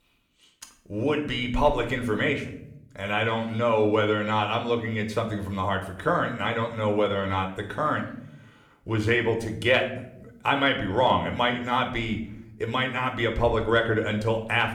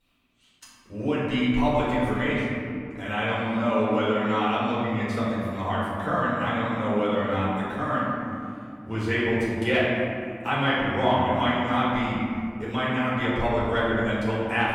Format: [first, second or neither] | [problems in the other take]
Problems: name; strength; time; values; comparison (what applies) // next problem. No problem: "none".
first | room echo; strong; dies away in 2.5 s; slight in the first // off-mic speech; far